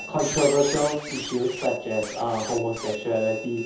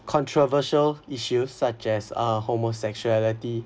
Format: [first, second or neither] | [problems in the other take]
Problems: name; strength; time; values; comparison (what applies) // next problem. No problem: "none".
second | background sound (Squeak); 10 dB below the speech // room echo; dies away in 0.5 s